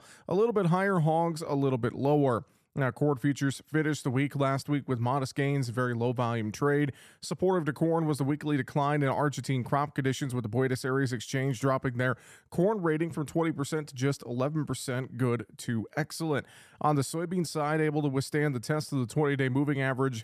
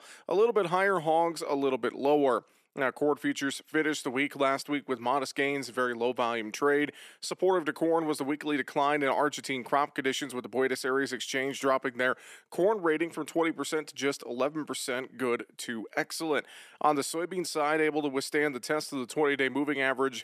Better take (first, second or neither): first